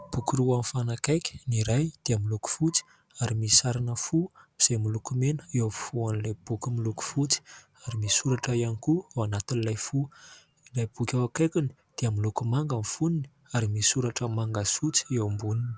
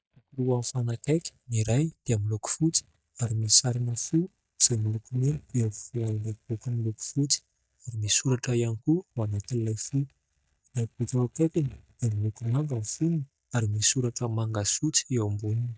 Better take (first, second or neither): first